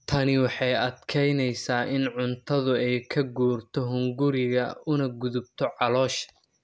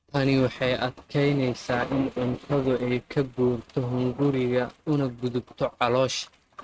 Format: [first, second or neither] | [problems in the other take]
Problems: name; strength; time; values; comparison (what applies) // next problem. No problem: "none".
first | noise reduction (neural mask model RNNoise)